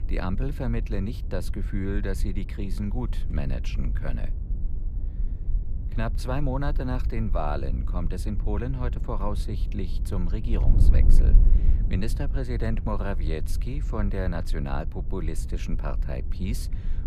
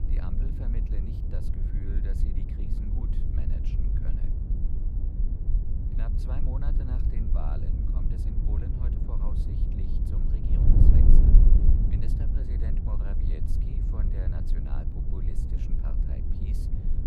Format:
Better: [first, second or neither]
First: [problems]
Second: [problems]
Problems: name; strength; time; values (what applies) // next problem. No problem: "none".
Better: first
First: wind noise on the microphone; occasional gusts; 10 dB below the speech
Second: wind noise on the microphone; heavy; 5 dB above the speech